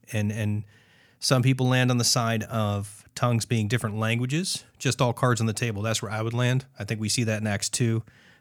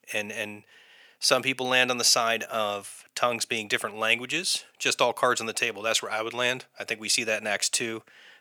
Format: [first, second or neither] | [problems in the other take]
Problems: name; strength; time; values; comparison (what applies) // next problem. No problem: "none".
first | thin; very; fading below 500 Hz